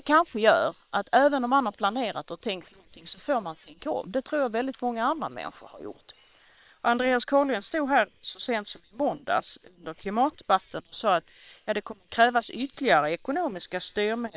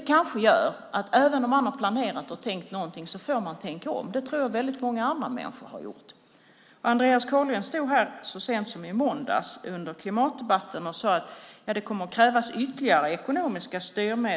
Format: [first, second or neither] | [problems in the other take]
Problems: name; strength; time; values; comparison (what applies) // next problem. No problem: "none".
second | noise reduction (neural separator model SepFormer WHAM!)